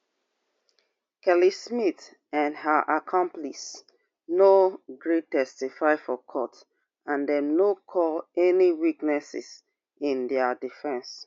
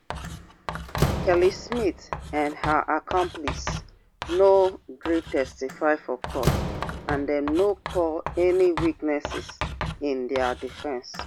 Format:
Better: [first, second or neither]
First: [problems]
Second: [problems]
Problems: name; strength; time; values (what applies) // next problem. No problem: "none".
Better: first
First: none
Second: background sound (Writing + Slam); 7 dB below the speech